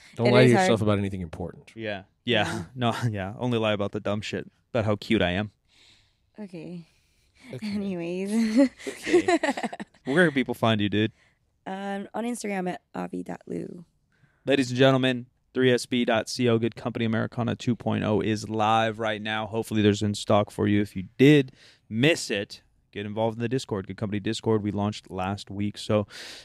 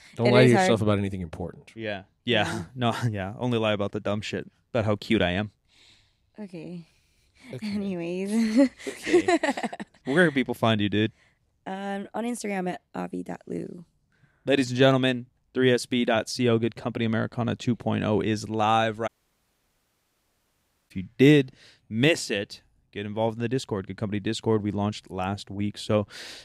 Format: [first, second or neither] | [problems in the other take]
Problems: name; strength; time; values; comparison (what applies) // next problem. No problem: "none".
first | audio cutting out; at 19 s for 2 s